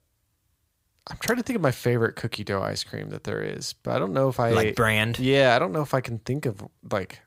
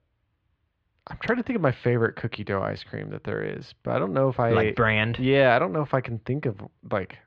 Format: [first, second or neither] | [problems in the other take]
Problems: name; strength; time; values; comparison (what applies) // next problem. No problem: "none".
first | muffled; slightly; fading above 3 kHz